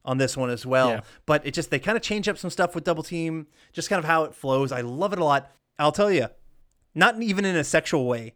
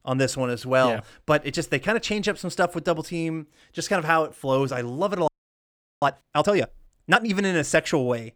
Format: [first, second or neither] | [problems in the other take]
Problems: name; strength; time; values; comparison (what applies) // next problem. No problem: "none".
first | audio freezing; at 5.5 s for 0.5 s